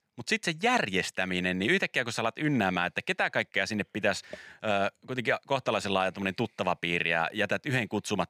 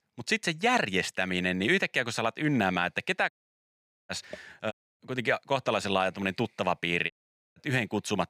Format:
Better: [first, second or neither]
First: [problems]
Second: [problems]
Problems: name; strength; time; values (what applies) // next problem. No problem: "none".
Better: first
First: none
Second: audio cutting out; at 3.5 s for 1 s, at 4.5 s and at 7 s